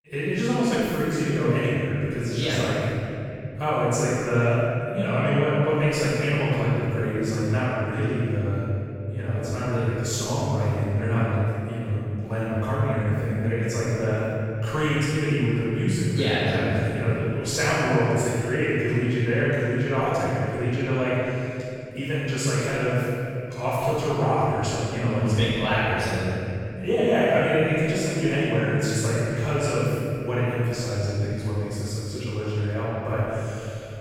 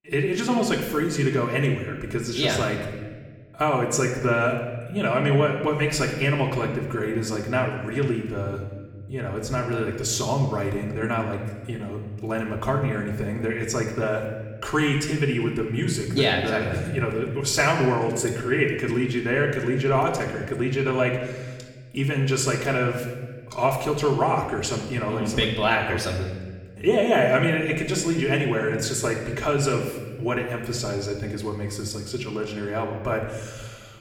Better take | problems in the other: second | room echo; strong; dies away in 2.9 s; slight in the second // off-mic speech; far; far in the second

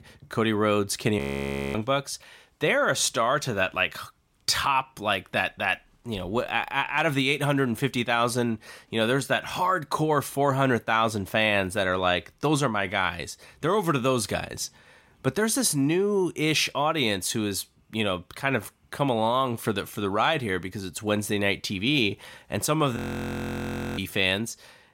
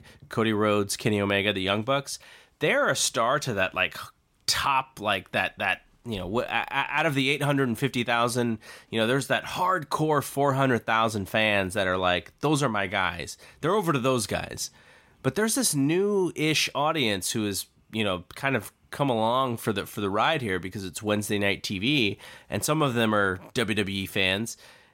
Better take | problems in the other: second | audio freezing; at 1 s for 0.5 s and at 23 s for 1 s

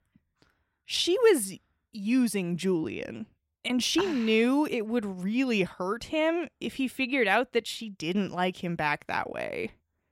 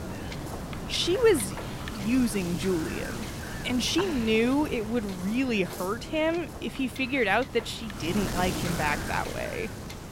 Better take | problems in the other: first | wind noise on the microphone; heavy; 9 dB below the speech

